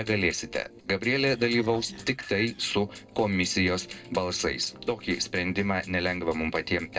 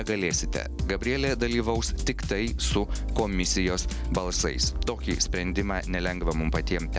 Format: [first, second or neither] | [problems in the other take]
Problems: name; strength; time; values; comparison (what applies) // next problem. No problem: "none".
second | noise reduction (neural separator model SepFormer DNS4)